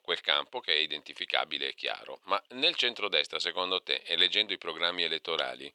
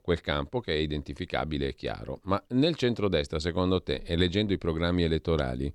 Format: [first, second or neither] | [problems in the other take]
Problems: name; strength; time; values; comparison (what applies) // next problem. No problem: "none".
second | thin; very; fading below 750 Hz